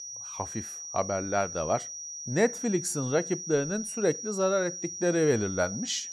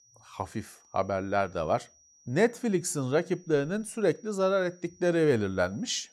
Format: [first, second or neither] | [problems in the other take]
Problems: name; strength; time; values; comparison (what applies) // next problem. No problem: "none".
second | high-pitched whine; loud; throughout; 6 kHz, 7 dB below the speech; faint in the second